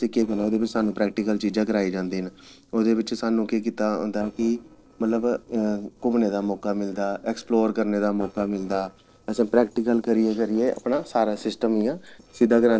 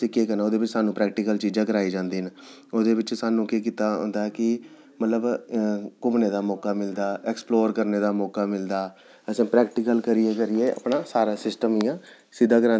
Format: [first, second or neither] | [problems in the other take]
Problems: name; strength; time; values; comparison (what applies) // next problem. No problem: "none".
second | noise reduction (neural separator model SepFormer DNS4)